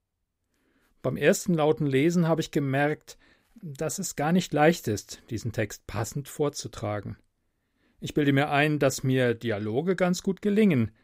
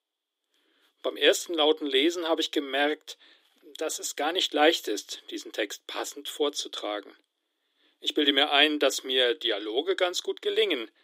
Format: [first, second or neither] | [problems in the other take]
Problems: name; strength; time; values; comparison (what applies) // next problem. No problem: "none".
first | thin; somewhat; fading below 300 Hz